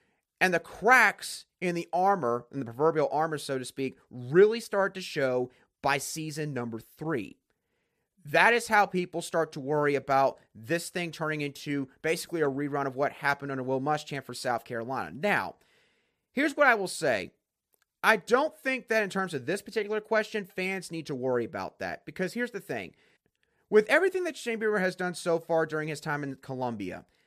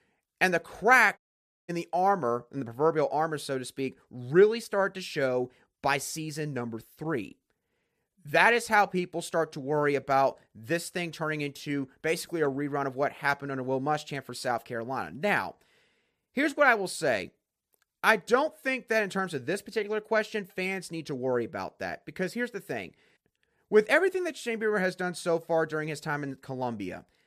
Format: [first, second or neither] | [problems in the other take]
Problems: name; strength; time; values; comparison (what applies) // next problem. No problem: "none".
first | audio cutting out; at 1 s for 0.5 s